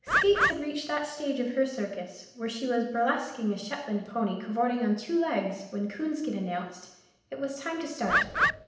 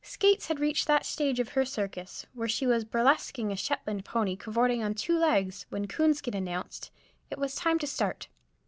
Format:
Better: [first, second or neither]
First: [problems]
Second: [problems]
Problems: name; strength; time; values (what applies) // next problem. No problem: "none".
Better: second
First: background sound (Bird); 4 dB above the speech // room echo; dies away in 0.8 s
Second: none